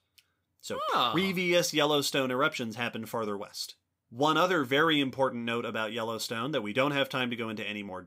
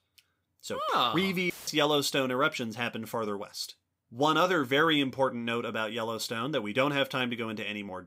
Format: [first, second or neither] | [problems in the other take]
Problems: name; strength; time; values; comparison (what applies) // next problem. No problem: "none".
first | audio cutting out; filled with static; at 1.5 s